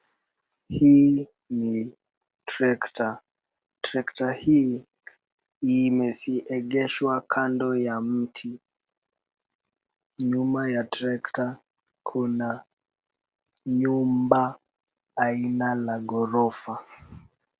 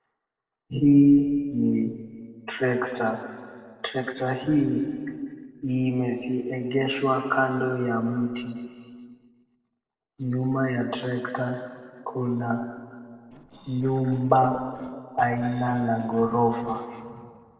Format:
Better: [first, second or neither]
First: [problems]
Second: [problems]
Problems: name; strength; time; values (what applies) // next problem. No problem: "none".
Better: first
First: none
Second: noise reduction (neural separator model SepFormer DNS4)